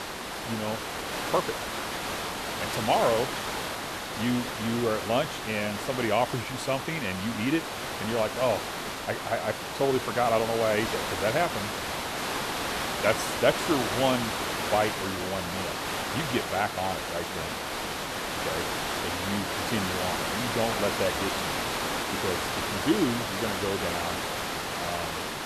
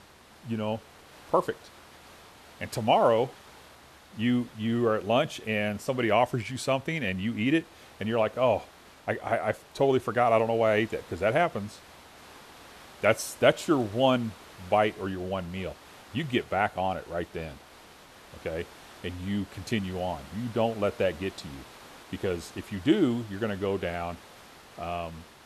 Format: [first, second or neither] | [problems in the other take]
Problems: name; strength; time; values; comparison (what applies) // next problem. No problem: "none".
second | hiss; loud; throughout; 1 dB below the speech; faint in the second